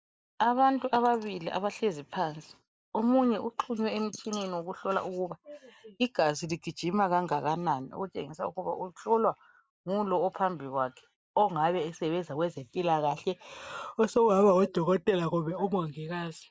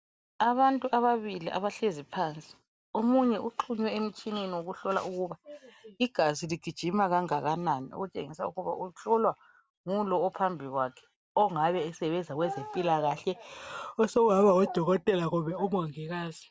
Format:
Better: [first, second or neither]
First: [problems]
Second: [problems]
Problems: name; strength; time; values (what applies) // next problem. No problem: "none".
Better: second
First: noise reduction (neural mask model Resemble Enhance denoiser)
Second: none